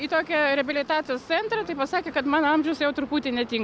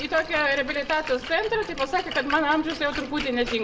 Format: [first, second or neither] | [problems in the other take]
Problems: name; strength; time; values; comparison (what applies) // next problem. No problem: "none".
first | background sound (Splash, splatter); 12 dB below the speech // room echo; dies away in 0.4 s